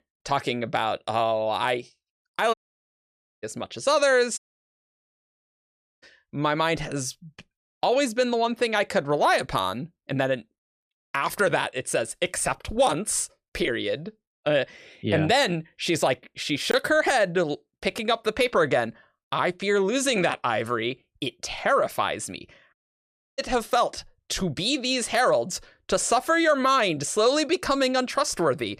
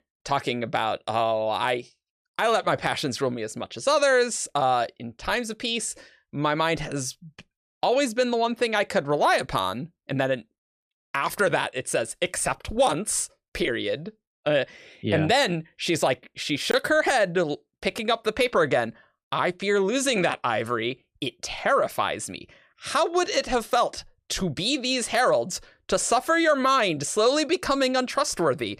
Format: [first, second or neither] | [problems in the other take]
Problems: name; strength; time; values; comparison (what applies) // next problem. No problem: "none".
second | audio cutting out; at 2.5 s for 1 s, at 4.5 s for 1.5 s and at 23 s for 0.5 s